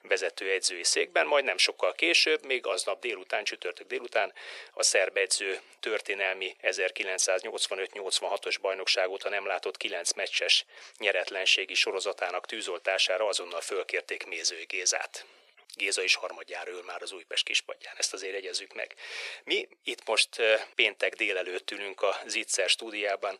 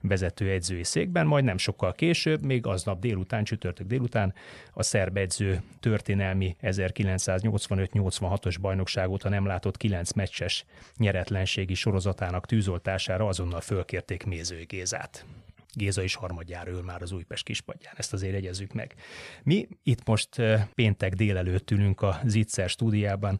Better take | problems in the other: second | thin; very; fading below 400 Hz

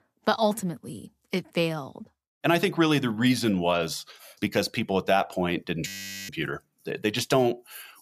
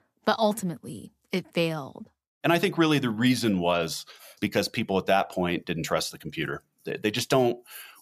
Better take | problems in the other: second | audio freezing; at 6 s

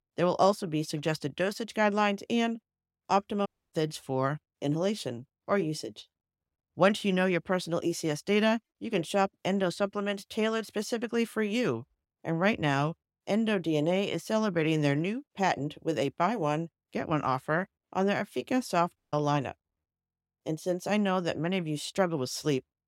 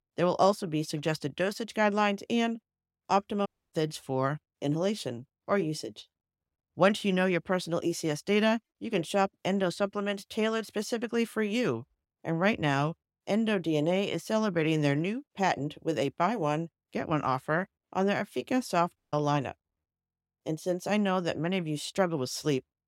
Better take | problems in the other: neither | audio cutting out; at 3.5 s and at 19 s; the same in both

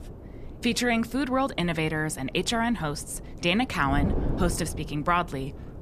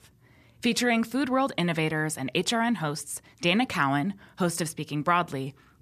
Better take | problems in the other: second | wind noise on the microphone; occasional gusts; 15 dB below the speech

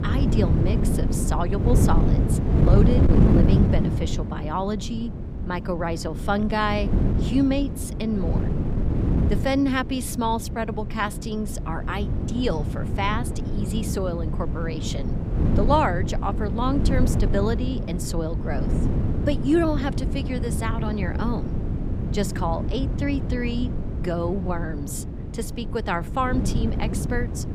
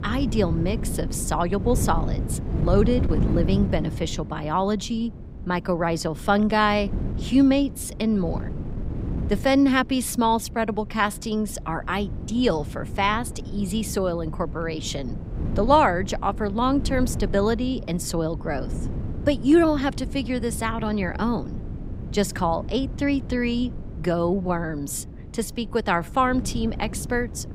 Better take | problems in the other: second | wind noise on the microphone; heavy; 6 dB below the speech; occasional gusts in the second

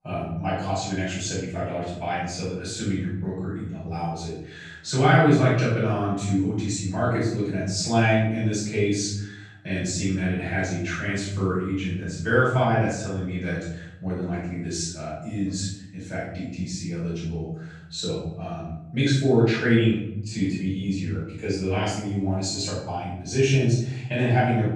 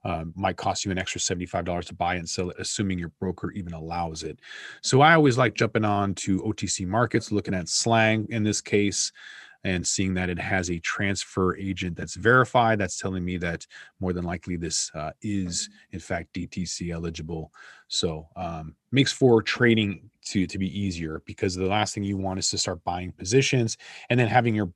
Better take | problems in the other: second | off-mic speech; far // room echo; noticeable; dies away in 0.9 s

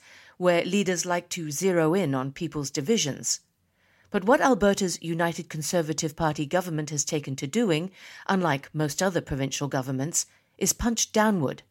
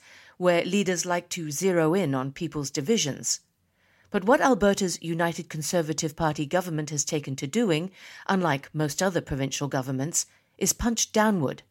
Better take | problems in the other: neither | none

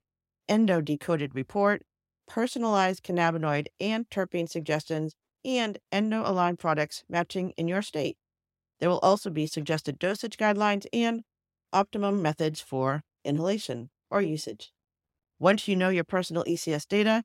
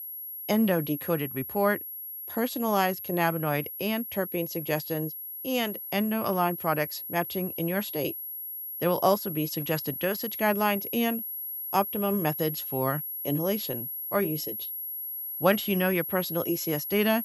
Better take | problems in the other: first | high-pitched whine; loud; throughout; 11.5 kHz, 5 dB below the speech

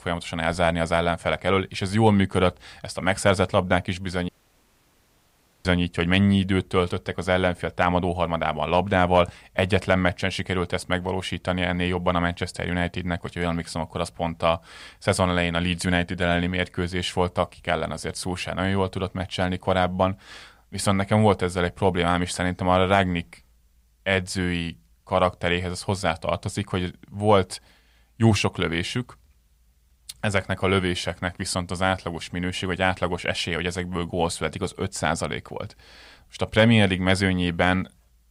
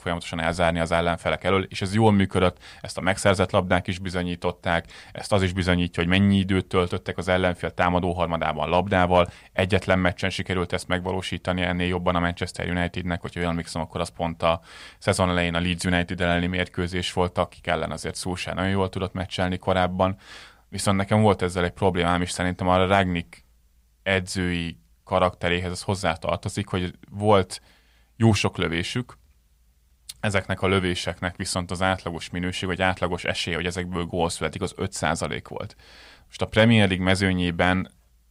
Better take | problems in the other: second | audio cutting out; at 4.5 s for 1.5 s

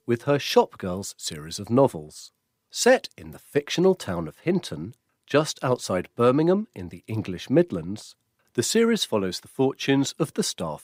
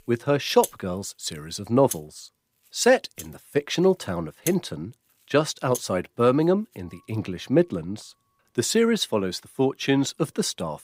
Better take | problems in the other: first | background music; noticeable; throughout; 10 dB below the speech

